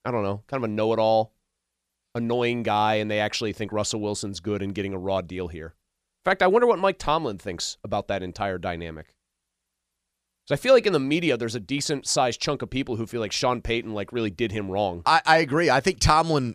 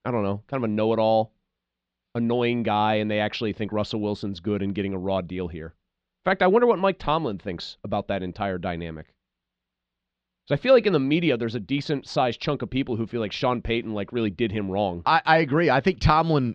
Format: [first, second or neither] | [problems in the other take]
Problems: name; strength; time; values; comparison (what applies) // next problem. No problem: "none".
first | muffled; slightly; fading above 3.5 kHz